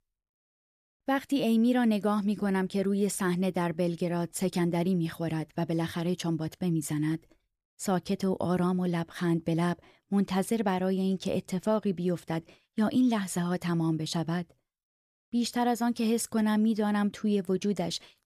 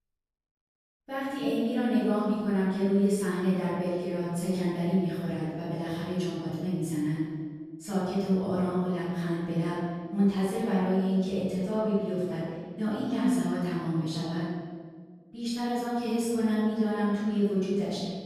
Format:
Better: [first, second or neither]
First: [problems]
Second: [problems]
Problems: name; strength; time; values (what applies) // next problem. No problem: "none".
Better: first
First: none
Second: off-mic speech; far // room echo; strong; dies away in 1.6 s